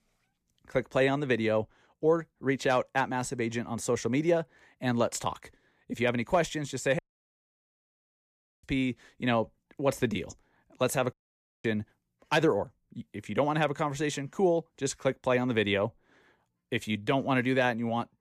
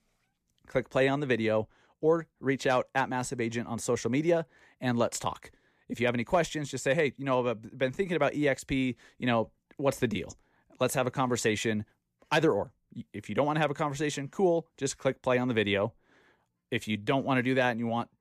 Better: second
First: audio cutting out; at 7 s for 1.5 s and at 11 s for 0.5 s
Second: none

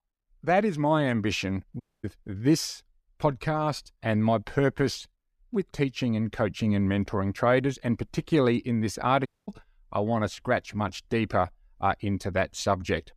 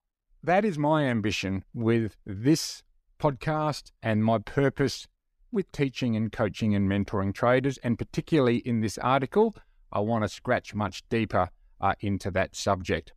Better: second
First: audio cutting out; at 2 s and at 9.5 s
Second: none

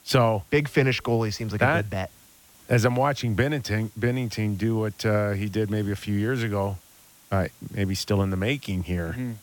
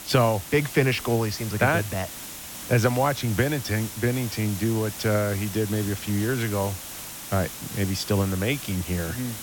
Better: first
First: hiss; faint; throughout; 25 dB below the speech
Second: hiss; loud; throughout; 10 dB below the speech

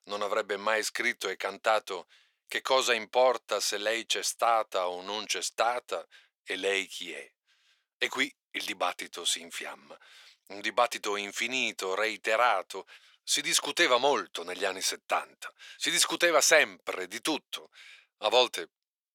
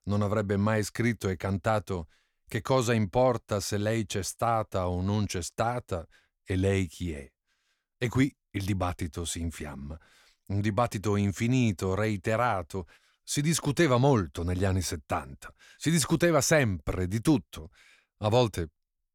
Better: second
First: thin; very; fading below 450 Hz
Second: none

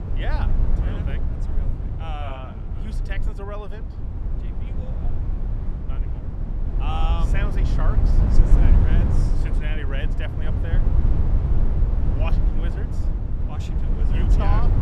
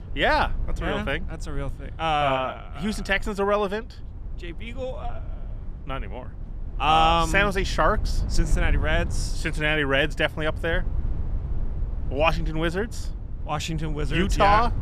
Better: second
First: low rumble; loud; throughout; 2 dB below the speech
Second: low rumble; faint; throughout; 25 dB below the speech

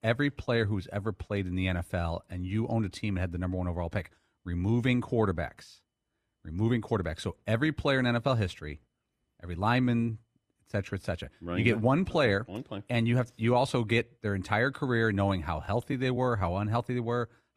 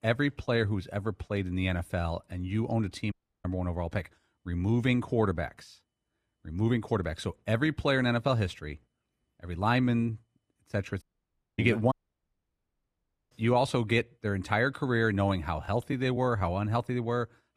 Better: first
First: none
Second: audio cutting out; at 3 s, at 11 s for 0.5 s and at 12 s for 1.5 s

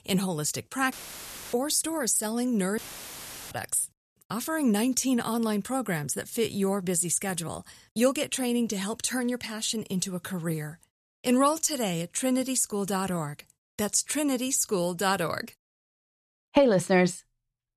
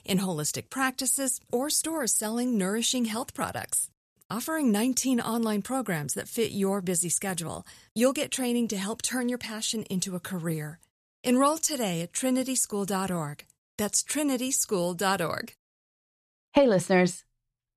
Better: second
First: audio cutting out; filled with static; at 1 s for 0.5 s and at 3 s for 0.5 s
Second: none

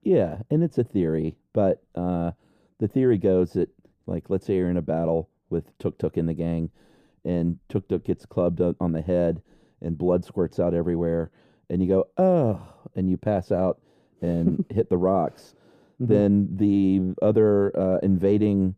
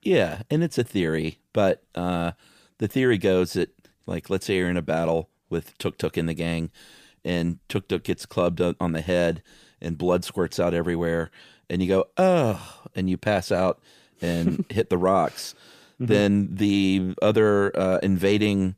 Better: second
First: muffled; very; fading above 1 kHz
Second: none

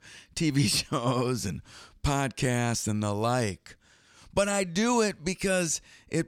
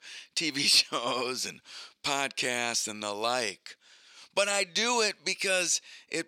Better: first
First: none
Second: thin; somewhat; fading below 400 Hz

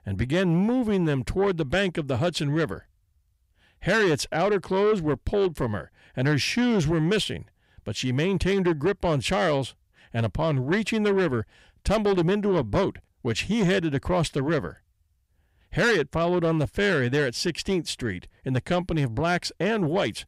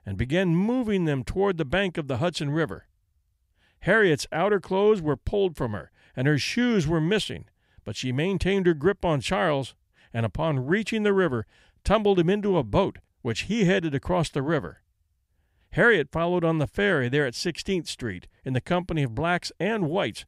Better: second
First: distortion; slight; 10 dB below the speech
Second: none

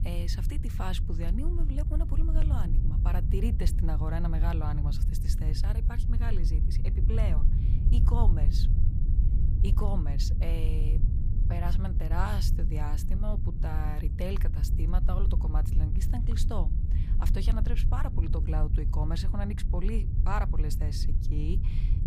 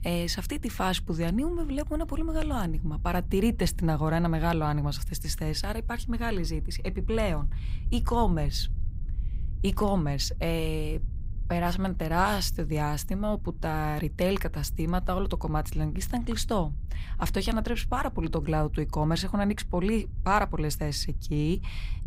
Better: second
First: low rumble; loud; throughout; 5 dB below the speech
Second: low rumble; faint; throughout; 25 dB below the speech

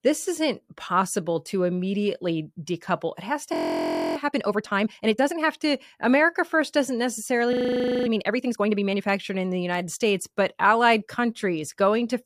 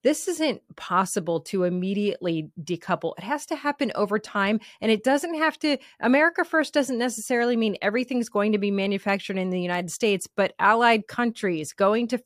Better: second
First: audio freezing; at 3.5 s for 0.5 s and at 7.5 s for 0.5 s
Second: none

